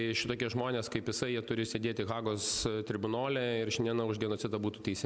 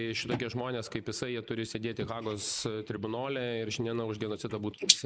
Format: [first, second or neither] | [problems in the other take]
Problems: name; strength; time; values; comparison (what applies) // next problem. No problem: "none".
first | noise reduction (neural mask model Resemble Enhance denoiser)